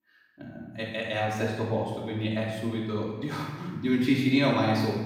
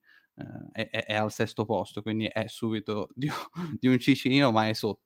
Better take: second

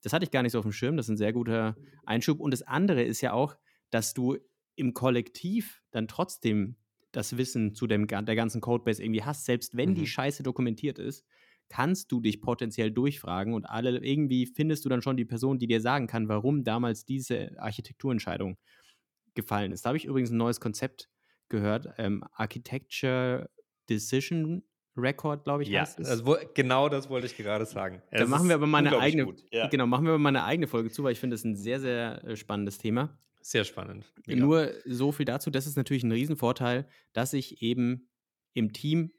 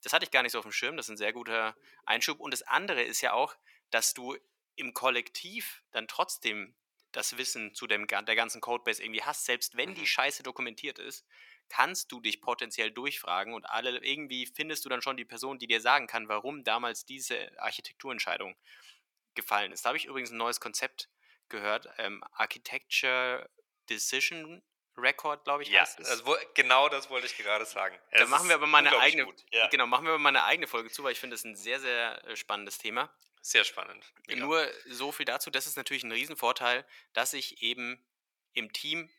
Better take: first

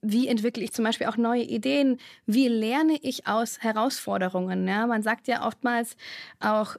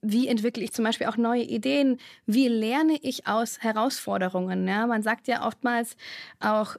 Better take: neither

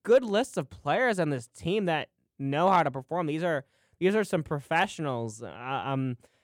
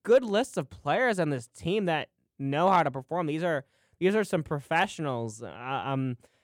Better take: neither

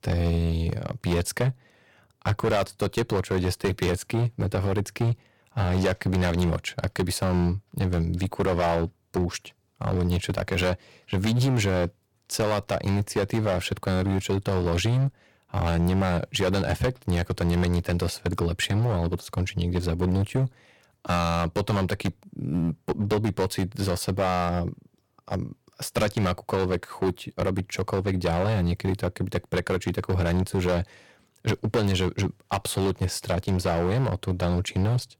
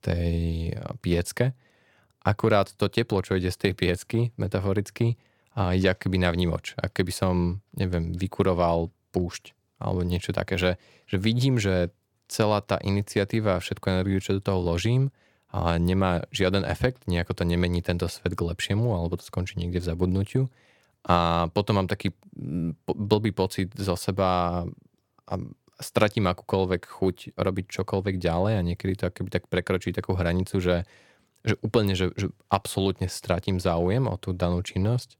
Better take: second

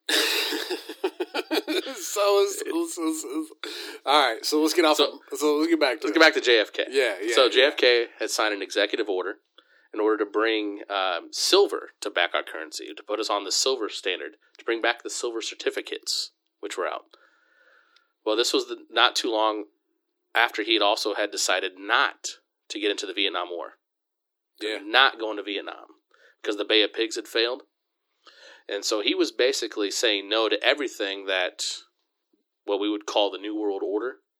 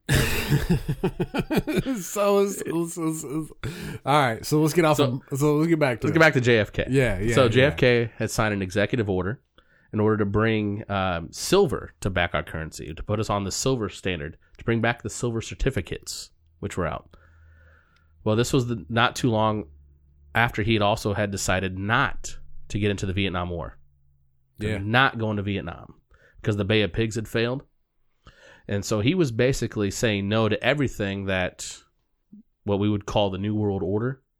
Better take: second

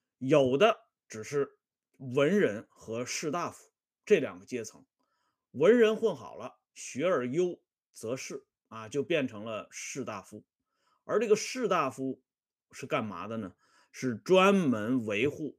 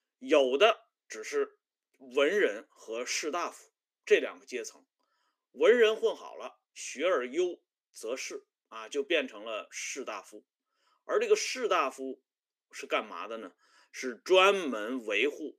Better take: first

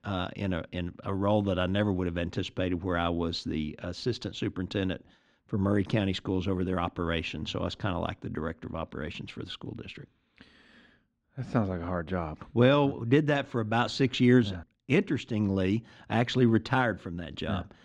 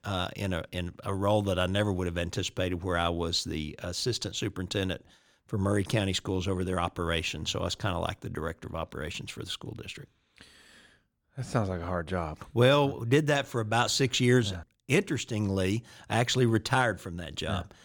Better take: second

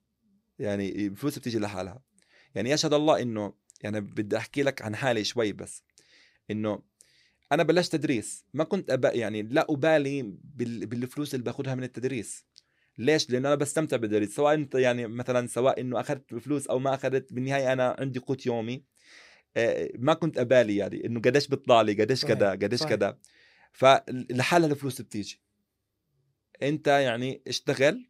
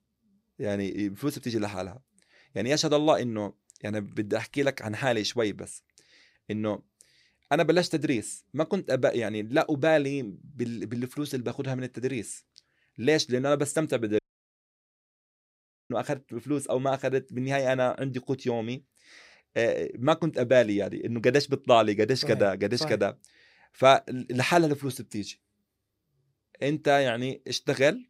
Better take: first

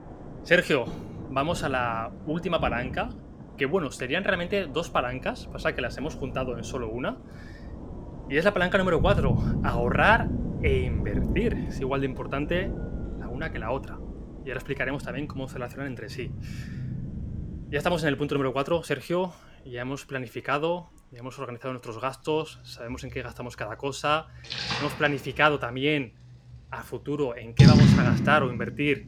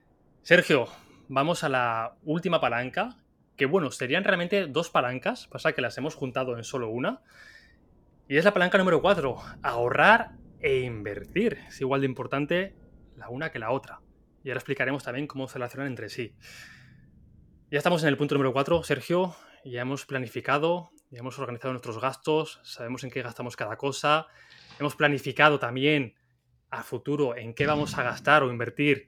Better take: second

